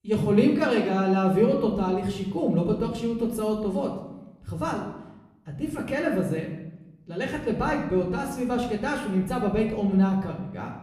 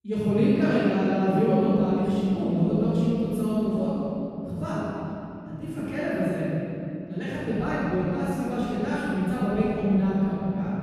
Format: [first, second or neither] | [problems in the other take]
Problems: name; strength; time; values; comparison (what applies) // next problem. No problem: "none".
first | room echo; strong; dies away in 3 s; slight in the first // off-mic speech; far; somewhat distant in the first